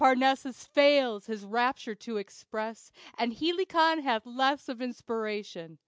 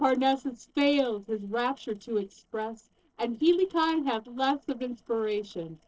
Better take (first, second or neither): first